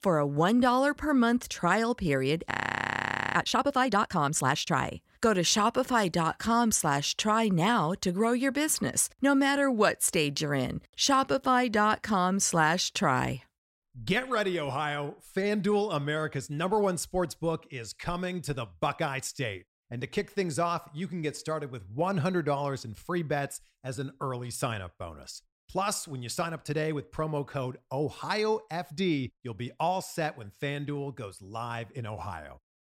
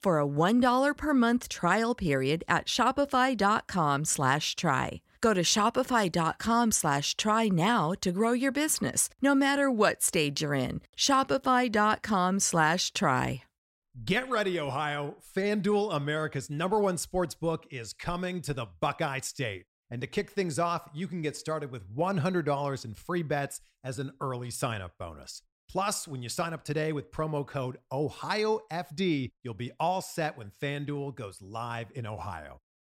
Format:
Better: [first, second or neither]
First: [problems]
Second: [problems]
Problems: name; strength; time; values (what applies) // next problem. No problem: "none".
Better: second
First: audio freezing; at 2.5 s for 1 s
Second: none